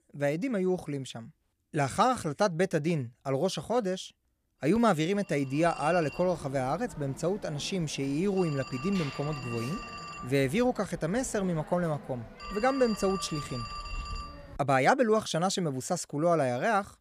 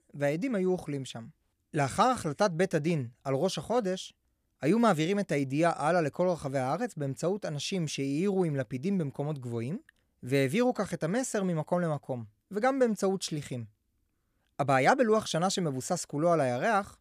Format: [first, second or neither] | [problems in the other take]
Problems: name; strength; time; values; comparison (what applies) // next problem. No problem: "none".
second | phone ringing; noticeable; from 5 to 15 s; peak 9 dB below the speech